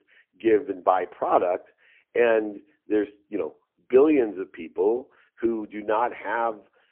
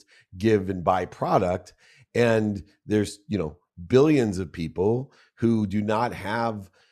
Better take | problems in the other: second | phone-call audio; poor line

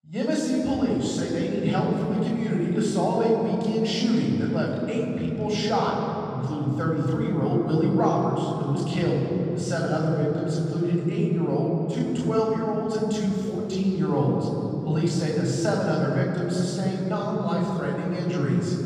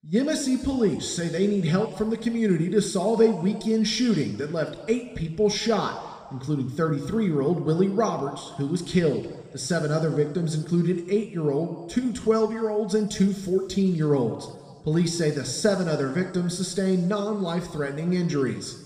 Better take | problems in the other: second | room echo; strong; dies away in 3 s; slight in the second // off-mic speech; far

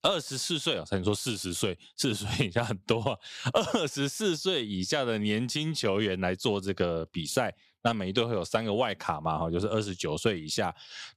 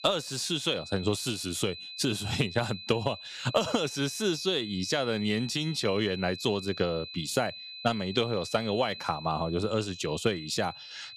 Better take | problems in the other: first | high-pitched whine; noticeable; throughout; 4 kHz, 10 dB below the speech

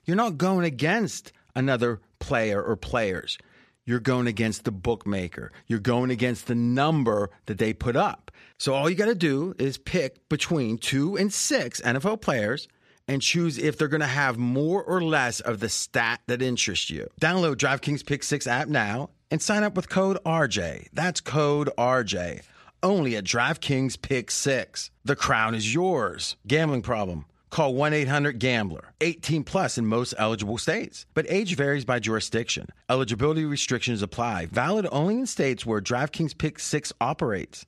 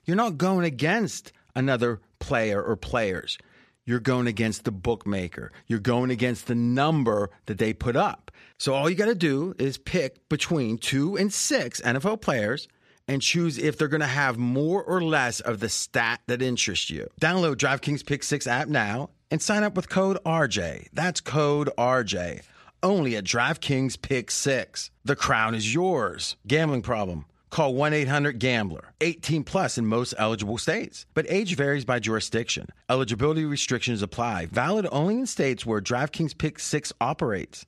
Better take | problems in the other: neither | none

